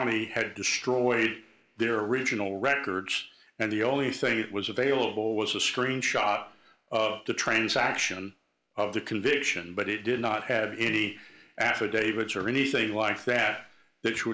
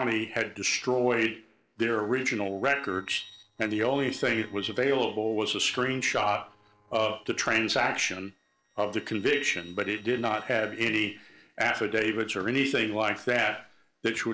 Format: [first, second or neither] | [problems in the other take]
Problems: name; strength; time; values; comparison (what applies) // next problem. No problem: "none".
first | noise reduction (neural separator model SepFormer DNS4)